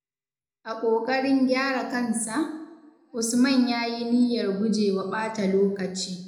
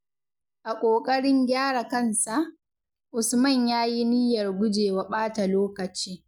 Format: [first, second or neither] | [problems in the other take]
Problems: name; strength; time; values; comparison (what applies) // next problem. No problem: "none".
second | room echo; dies away in 0.7 s